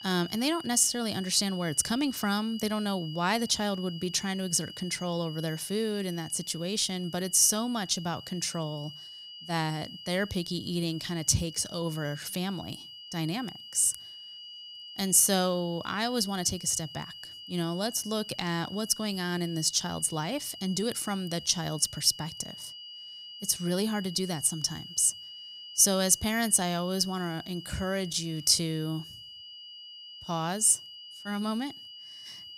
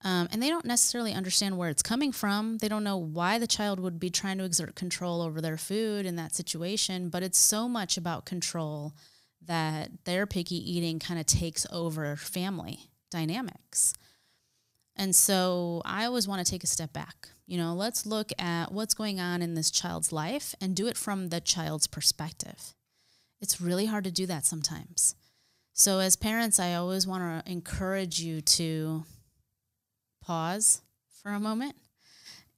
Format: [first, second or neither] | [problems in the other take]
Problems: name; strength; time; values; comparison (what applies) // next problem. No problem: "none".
second | high-pitched whine; noticeable; throughout; 3 kHz, 15 dB below the speech